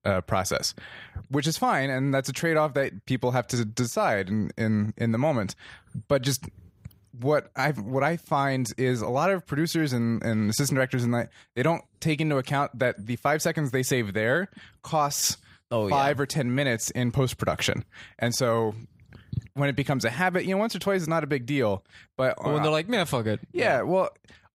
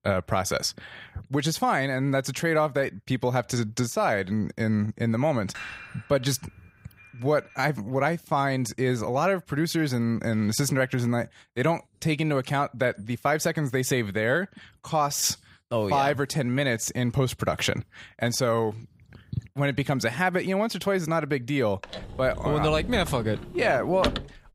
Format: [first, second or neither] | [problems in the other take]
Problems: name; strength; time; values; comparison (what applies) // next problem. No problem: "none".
first | clattering dishes; faint; from 5.5 to 7.5 s; peak 10 dB below the speech // door banging; noticeable; from 22 s on; peak 3 dB below the speech